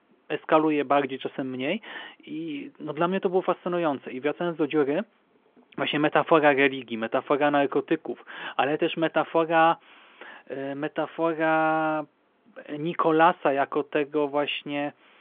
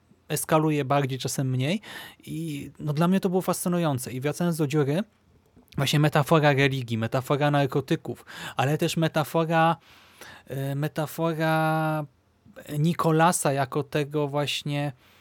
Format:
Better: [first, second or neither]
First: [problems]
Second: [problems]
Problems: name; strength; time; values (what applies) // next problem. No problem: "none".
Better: second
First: phone-call audio; nothing above 3.5 kHz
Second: none